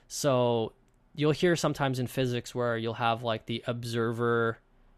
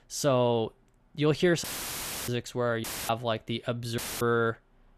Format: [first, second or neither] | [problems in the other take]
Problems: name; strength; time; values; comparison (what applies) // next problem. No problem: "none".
first | audio cutting out; filled with static; at 1.5 s for 0.5 s, at 3 s and at 4 s